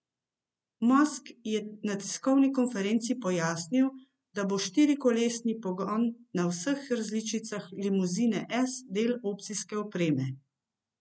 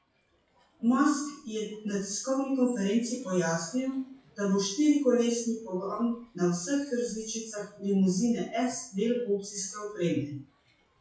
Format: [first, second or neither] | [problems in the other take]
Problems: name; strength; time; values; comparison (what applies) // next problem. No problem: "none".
first | noise reduction (classical method WPE with log-MMSE)